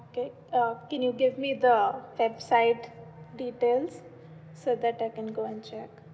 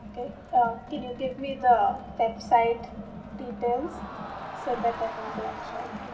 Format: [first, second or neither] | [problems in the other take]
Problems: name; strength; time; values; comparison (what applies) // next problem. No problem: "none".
first | background sound (Crowd); 11 dB below the speech // room echo; dies away in 0.2 s